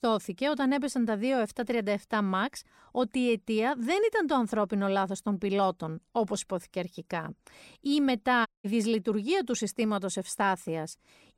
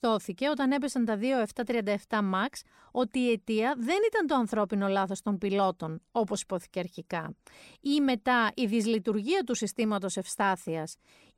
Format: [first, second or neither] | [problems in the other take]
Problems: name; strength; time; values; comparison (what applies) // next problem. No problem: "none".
second | audio cutting out; at 8.5 s